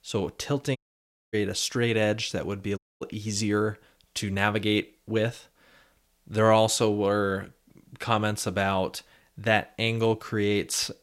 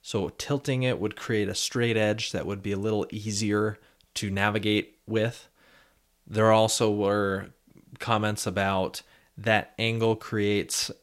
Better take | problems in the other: second | audio cutting out; at 1 s for 0.5 s and at 3 s

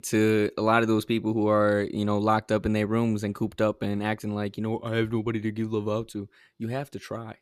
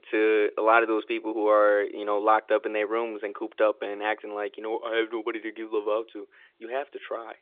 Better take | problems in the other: first | phone-call audio

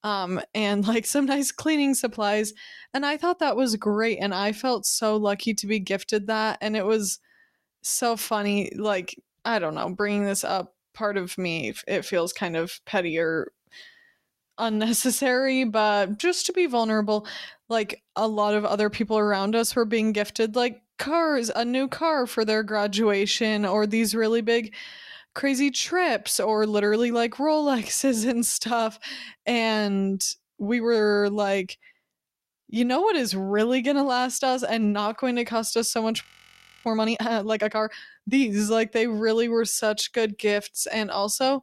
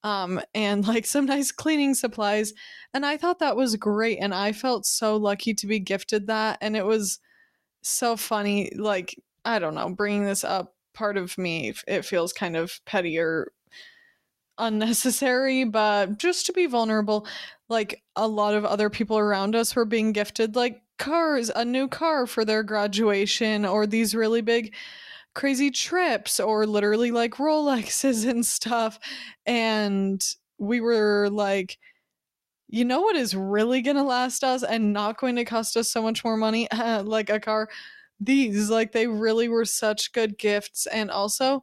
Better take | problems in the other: second | audio freezing; at 36 s for 0.5 s

